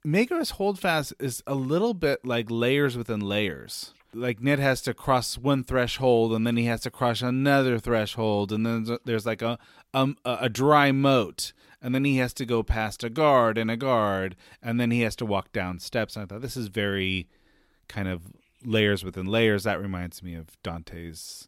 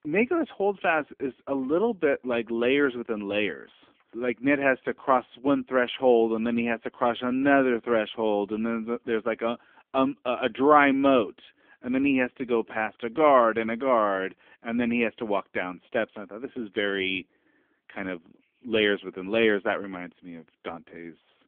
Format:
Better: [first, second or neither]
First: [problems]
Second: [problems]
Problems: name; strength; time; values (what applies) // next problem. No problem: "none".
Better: first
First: none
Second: phone-call audio; poor line; nothing above 3.5 kHz